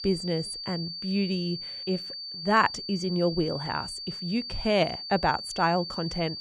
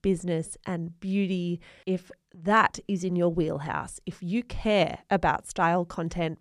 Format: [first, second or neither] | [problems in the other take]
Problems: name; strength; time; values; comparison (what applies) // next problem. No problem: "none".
second | high-pitched whine; loud; throughout; 4.5 kHz, 7 dB below the speech